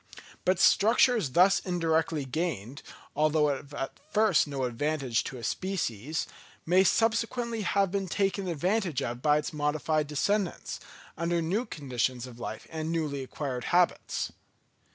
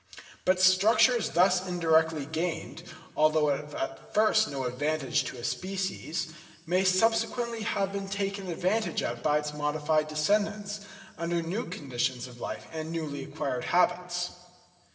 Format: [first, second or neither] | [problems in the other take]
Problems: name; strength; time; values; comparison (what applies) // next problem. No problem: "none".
first | room echo; dies away in 2.1 s